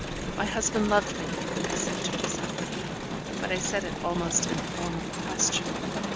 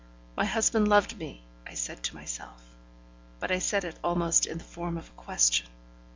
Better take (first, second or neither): second